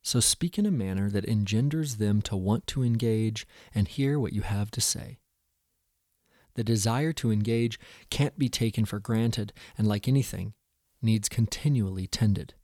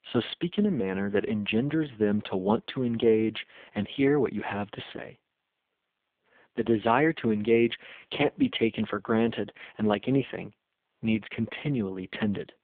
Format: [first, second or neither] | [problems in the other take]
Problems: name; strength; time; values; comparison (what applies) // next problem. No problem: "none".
first | phone-call audio; poor line